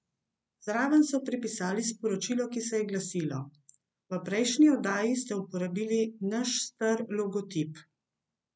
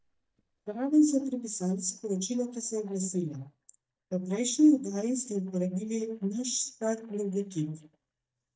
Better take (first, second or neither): first